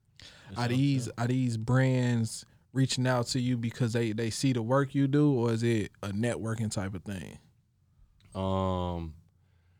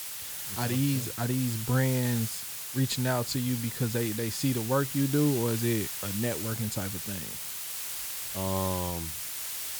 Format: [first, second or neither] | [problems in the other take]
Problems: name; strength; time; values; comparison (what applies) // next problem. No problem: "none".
first | hiss; loud; throughout; 4 dB below the speech